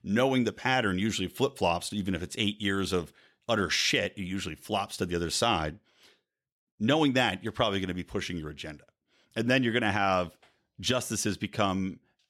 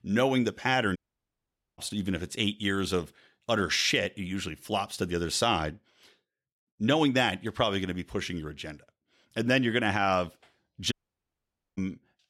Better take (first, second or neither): first